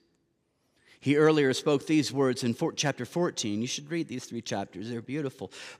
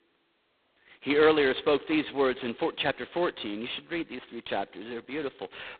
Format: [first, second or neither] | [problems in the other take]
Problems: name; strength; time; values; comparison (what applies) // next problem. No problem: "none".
first | phone-call audio; poor line; nothing above 4 kHz